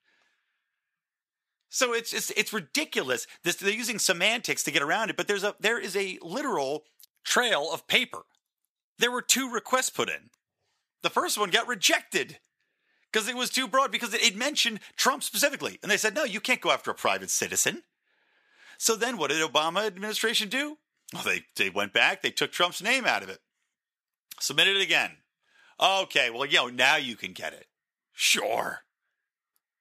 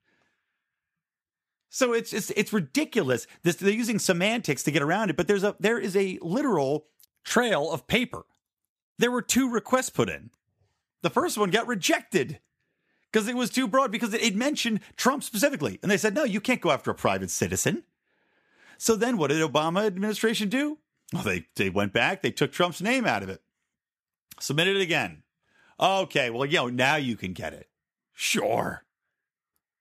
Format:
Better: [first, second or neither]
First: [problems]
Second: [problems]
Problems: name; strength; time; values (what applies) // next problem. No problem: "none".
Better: second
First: thin; somewhat; fading below 950 Hz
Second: none